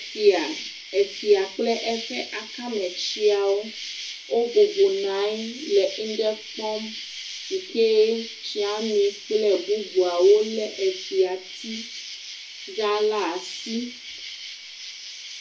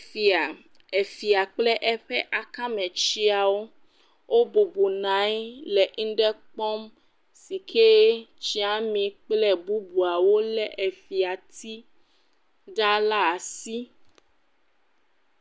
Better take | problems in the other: second | background sound (Insect); 12 dB below the speech // room echo; dies away in 0.4 s

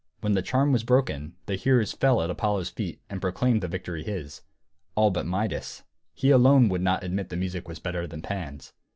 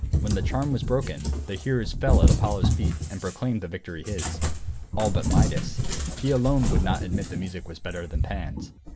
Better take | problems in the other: first | background sound (Cat); 3 dB above the speech

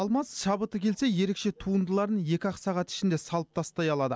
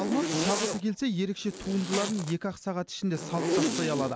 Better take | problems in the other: first | background sound (Zipper (clothing)); 2 dB below the speech

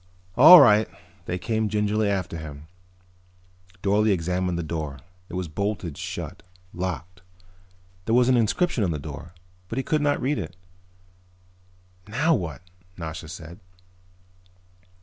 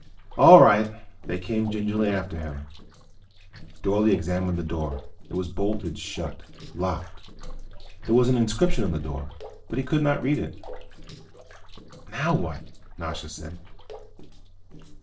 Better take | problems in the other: first | noise reduction (neural separator model SepFormer DNS4)

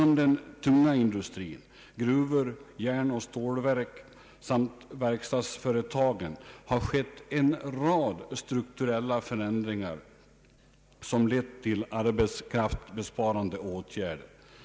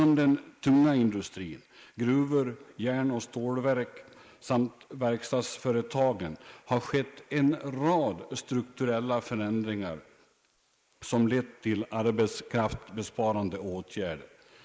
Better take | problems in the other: first | noise reduction (neural mask model Resemble Enhance denoiser)

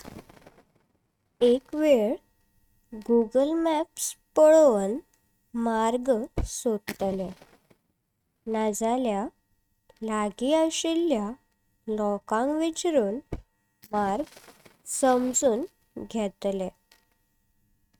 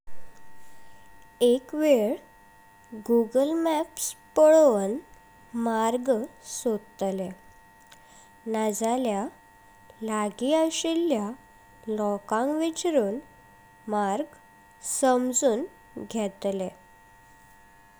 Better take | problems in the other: second | noise reduction (neural mask model RNNoise)

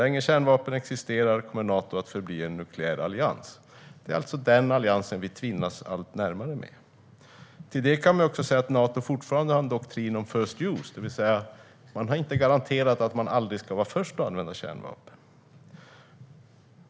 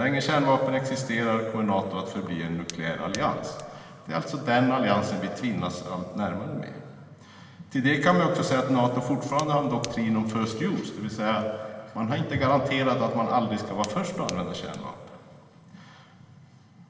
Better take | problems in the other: first | background sound (Fire); 18 dB below the speech // room echo; dies away in 2.9 s

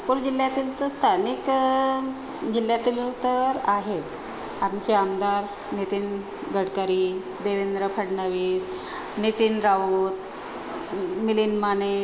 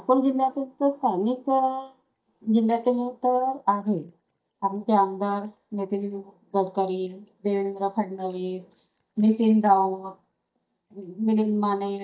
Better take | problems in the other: first | noise reduction (neural mask model DeepFilterNet 3)

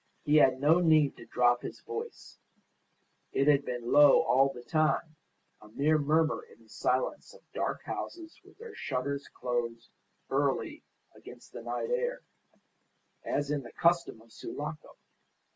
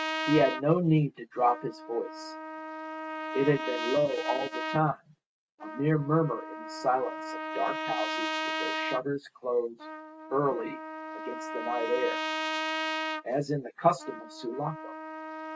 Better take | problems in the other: first | noise reduction (neural mask model RNNoise)

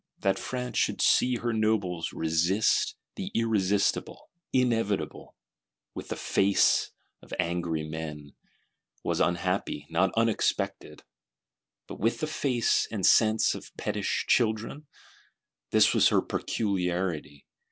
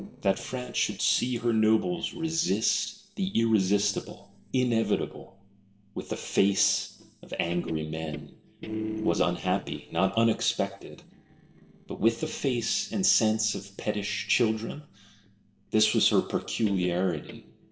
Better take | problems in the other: first | noise reduction (neural separator model SepFormer DNS4)

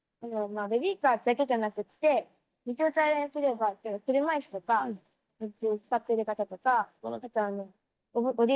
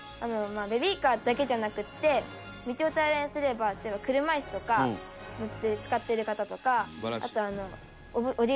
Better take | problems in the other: second | noise reduction (neural mask model DeepFilterNet 3)

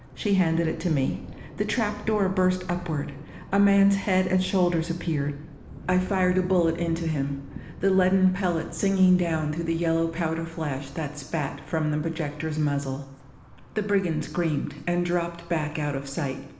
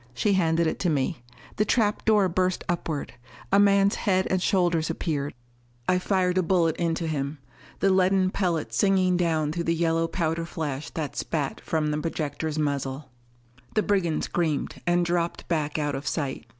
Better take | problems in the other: second | background sound (Thunder); 16 dB below the speech // room echo; dies away in 1.1 s

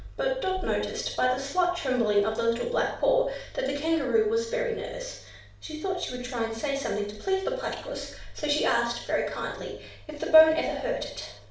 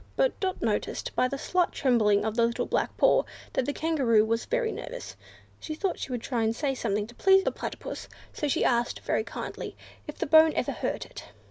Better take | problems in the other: second | room echo; dies away in 0.5 s

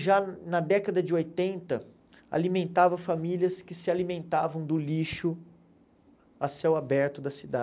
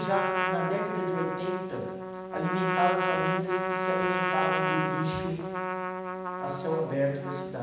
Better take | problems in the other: first | background sound (Trumpet); 1 dB above the speech // room echo; dies away in 1.1 s

